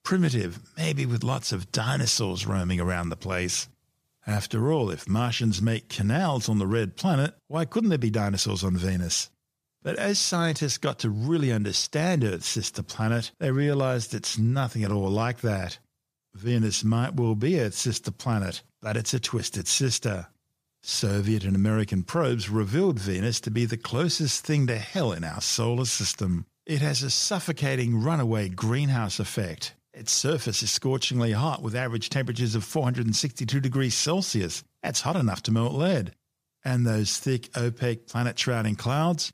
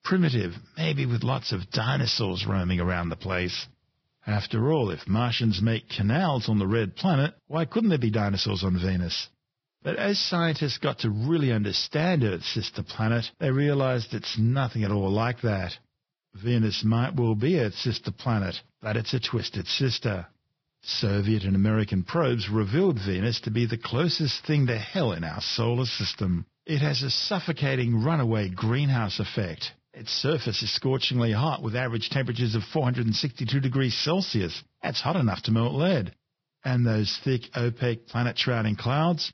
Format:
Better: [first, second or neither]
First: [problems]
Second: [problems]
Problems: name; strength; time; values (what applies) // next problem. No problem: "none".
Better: first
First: none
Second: garbled, watery; badly; nothing above 5.5 kHz